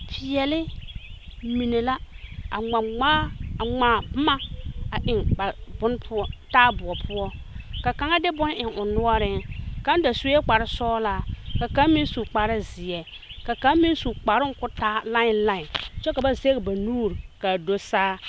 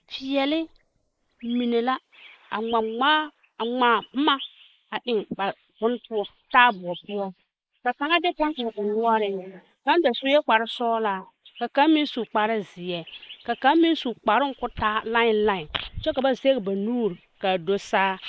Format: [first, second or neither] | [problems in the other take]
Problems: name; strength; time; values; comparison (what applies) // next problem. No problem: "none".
first | noise reduction (neural mask model Resemble Enhance denoiser)